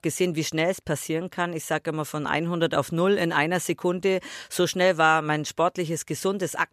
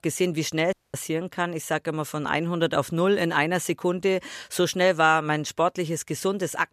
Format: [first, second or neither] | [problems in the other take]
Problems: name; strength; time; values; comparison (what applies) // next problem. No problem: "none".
first | audio cutting out; at 0.5 s